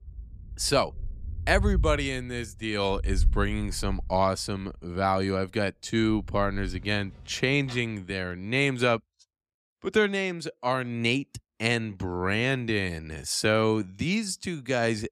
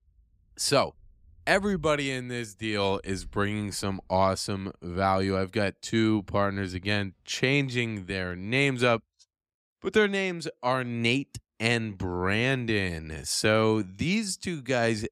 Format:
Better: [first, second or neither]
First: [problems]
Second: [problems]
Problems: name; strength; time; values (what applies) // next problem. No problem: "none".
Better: second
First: rain or running water; loud; until 7.5 s; 7 dB below the speech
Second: rain or running water; faint; until 7.5 s; 30 dB below the speech